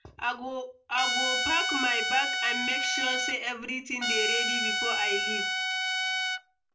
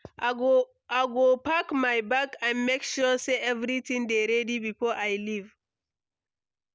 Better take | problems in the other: second | background sound (Trumpet); 3 dB above the speech // room echo; dies away in 0.2 s

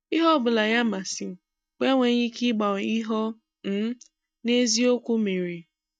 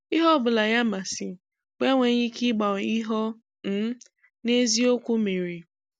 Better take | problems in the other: second | noise reduction (neural mask model DeepFilterNet 3)

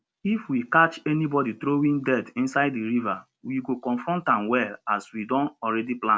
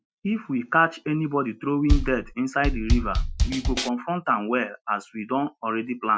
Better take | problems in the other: first | noise reduction (classical method Wiener filter)

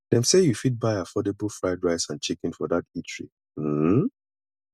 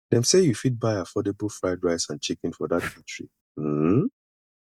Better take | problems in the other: first | noise reduction (neural mask model DeepFilterNet 3)

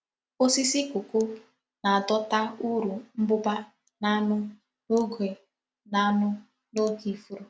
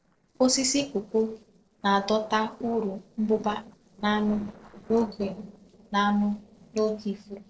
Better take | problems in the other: first | noise reduction (neural separator model SepFormer DNS4)

